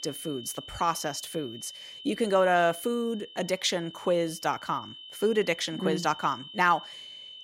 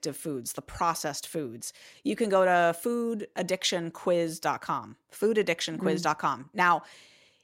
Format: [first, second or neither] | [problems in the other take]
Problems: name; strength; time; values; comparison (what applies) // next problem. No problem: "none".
second | high-pitched whine; noticeable; throughout; 3 kHz, 15 dB below the speech